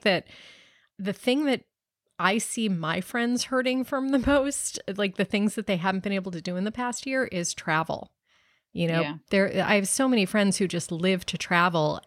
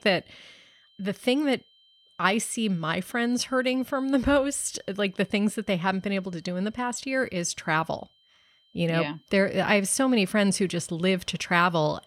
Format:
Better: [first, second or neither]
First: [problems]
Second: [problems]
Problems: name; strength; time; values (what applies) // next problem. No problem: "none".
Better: first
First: none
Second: high-pitched whine; faint; throughout; 3 kHz, 35 dB below the speech